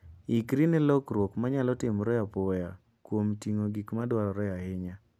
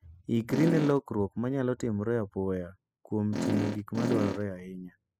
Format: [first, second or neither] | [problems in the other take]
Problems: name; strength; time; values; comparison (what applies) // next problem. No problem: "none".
first | noise reduction (classical method spectral subtraction)